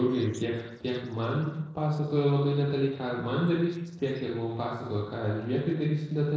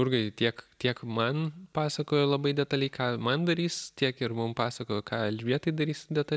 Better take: second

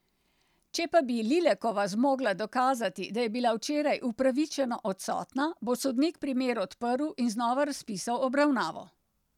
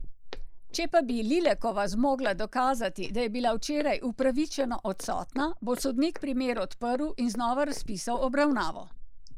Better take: first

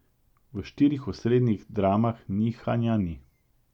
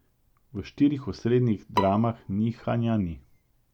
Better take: first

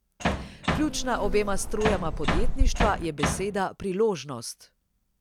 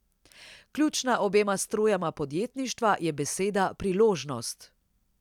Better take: second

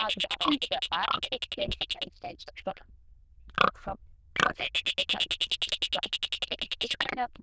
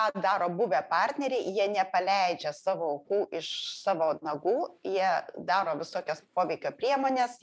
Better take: second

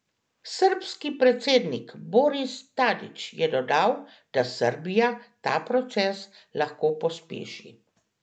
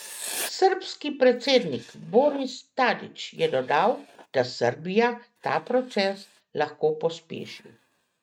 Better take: first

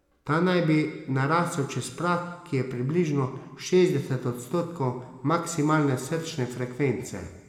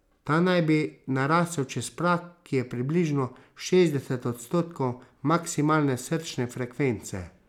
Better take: second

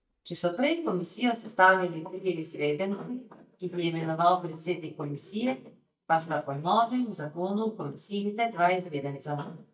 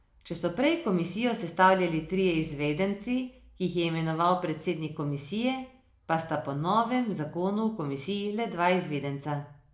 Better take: second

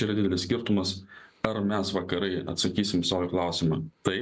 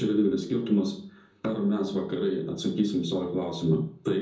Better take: first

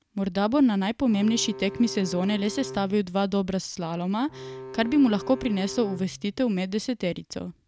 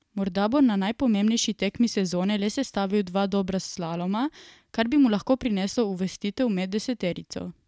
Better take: second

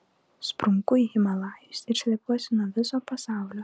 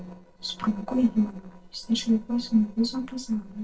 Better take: first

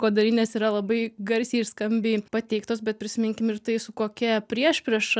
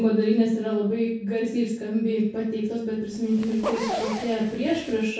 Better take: first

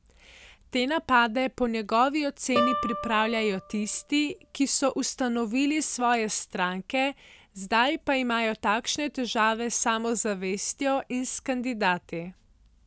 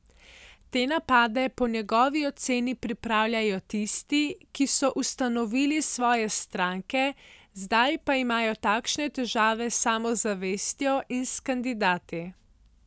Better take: second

